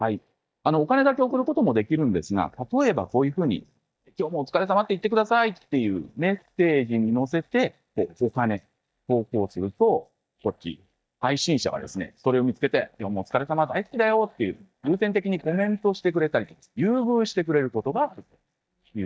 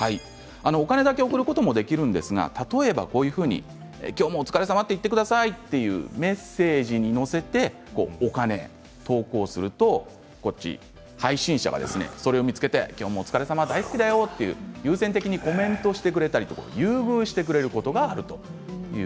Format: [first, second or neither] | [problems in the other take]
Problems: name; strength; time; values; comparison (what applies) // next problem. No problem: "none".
second | noise reduction (neural mask model DeepFilterNet 3)